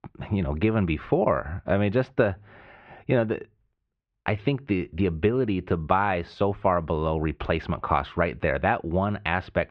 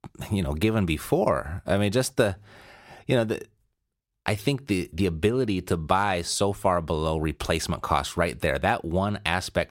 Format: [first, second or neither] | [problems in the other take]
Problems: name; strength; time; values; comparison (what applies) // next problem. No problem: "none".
second | muffled; very; fading above 2.5 kHz